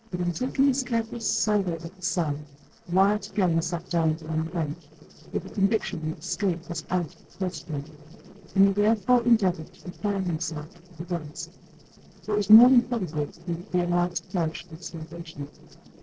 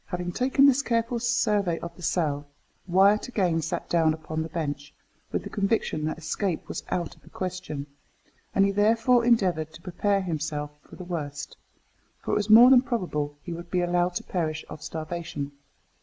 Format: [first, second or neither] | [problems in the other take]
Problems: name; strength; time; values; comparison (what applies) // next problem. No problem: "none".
second | noise reduction (neural separator model SepFormer DNS4)